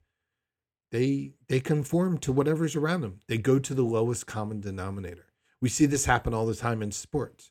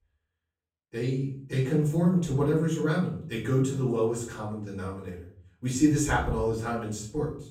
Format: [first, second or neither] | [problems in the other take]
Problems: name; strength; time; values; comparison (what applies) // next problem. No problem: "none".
first | off-mic speech; far // room echo; slight; dies away in 0.5 s